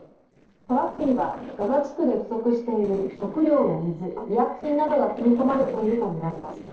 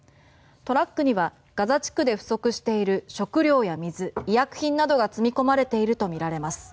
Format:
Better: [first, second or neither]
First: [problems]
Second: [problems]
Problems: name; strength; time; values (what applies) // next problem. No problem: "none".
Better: second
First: noise reduction (neural separator model SepFormer DNS4)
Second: none